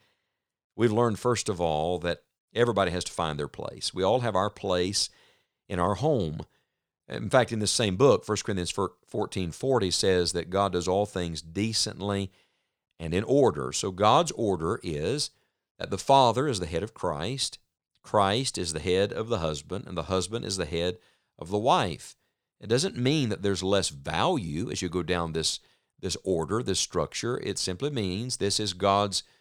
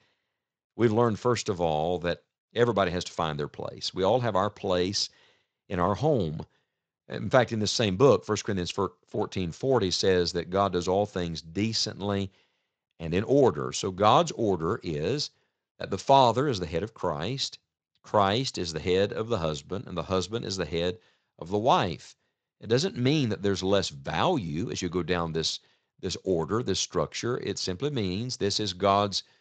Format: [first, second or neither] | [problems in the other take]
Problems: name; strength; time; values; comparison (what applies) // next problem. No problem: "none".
first | garbled, watery; slightly; nothing above 7.5 kHz